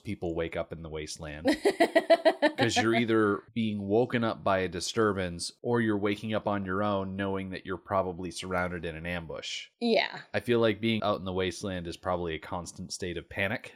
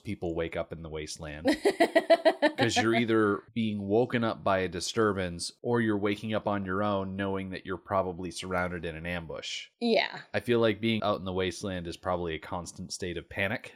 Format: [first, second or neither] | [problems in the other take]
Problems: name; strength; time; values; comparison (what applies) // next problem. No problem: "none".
neither | none